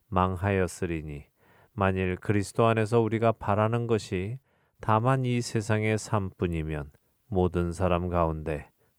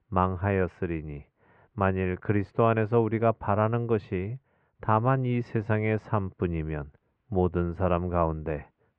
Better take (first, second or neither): first